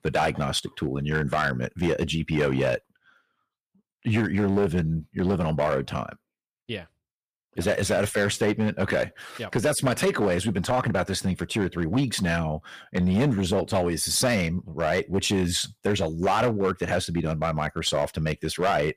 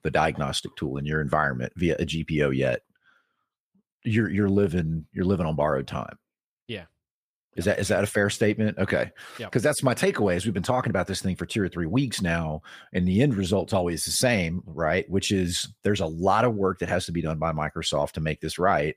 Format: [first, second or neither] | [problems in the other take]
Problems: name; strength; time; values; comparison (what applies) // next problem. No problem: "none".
second | distortion; slight; 6% of the sound clipped